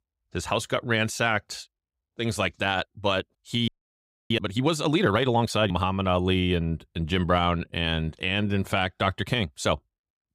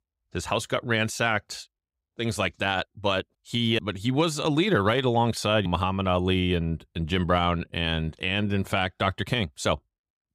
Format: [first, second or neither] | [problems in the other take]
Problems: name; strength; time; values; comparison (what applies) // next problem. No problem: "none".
second | audio freezing; at 3.5 s for 0.5 s